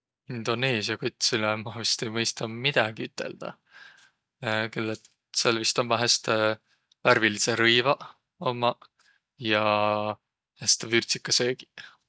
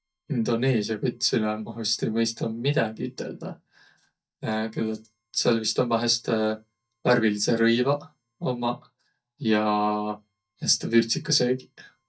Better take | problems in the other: first | noise reduction (neural mask model DeepFilterNet 3)

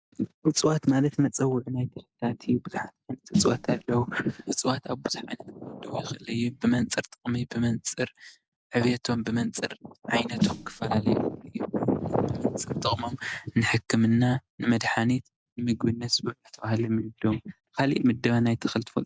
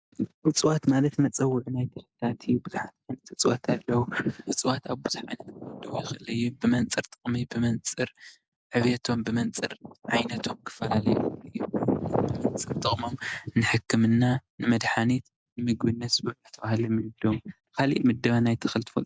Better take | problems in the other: second | background sound (Snare drum); 7 dB below the speech

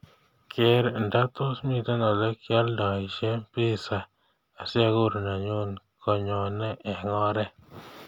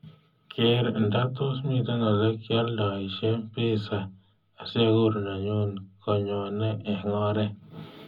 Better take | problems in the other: first | room echo; dies away in 0.4 s

